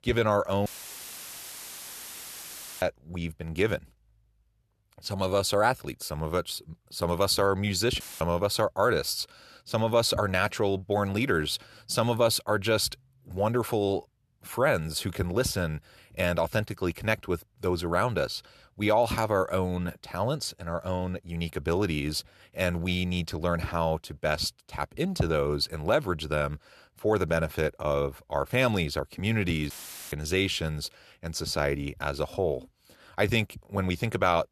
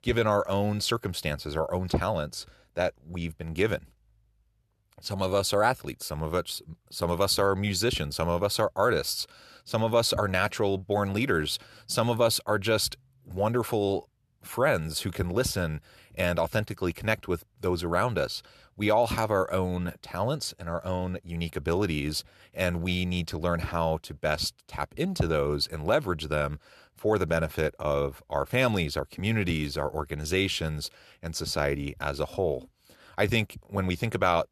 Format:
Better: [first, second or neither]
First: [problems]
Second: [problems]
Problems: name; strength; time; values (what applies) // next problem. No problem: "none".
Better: second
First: audio cutting out; filled with static; at 0.5 s for 2 s, at 8 s and at 30 s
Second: none